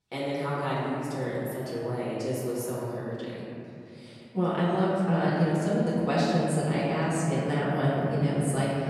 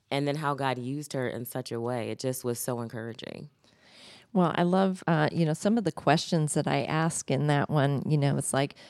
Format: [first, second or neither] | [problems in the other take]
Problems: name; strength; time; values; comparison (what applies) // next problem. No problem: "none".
second | room echo; strong; dies away in 2.9 s // off-mic speech; far